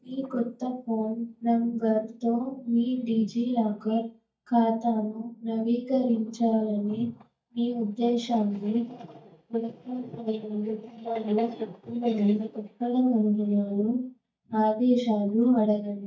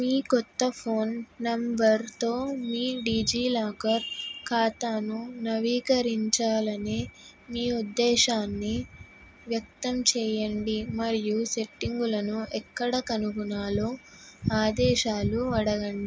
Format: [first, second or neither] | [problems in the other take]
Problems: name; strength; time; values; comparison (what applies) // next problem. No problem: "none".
second | noise reduction (neural mask model DeepFilterNet 3)